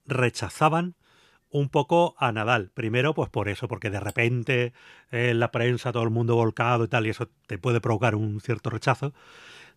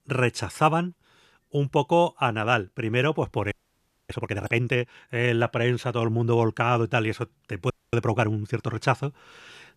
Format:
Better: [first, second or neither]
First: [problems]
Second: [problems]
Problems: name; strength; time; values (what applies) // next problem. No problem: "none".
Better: first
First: none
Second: audio freezing; at 3.5 s for 0.5 s and at 7.5 s